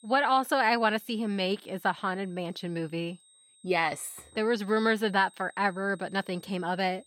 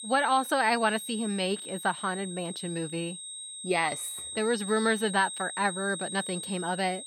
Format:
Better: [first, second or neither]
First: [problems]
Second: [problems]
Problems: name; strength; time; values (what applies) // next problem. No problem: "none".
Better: first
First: high-pitched whine; faint; throughout; 8.5 kHz, 30 dB below the speech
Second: high-pitched whine; loud; throughout; 8.5 kHz, 8 dB below the speech